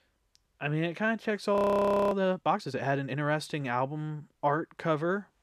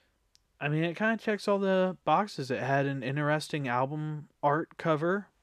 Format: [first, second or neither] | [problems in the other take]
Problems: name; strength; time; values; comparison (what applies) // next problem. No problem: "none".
second | audio freezing; at 1.5 s for 0.5 s